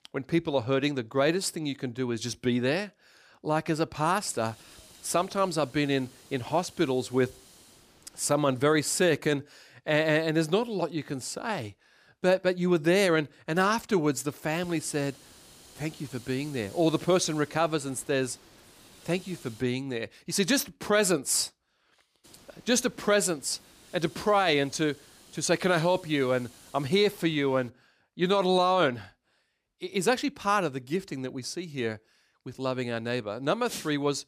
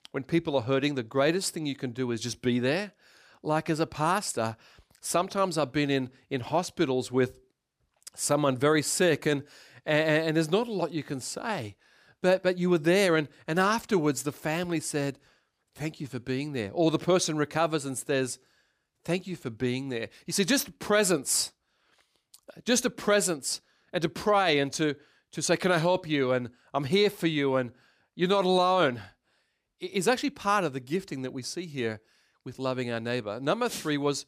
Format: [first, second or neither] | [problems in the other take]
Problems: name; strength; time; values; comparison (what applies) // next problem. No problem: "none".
second | hiss; faint; from 4 to 9 s, from 15 to 20 s and from 22 to 28 s; 25 dB below the speech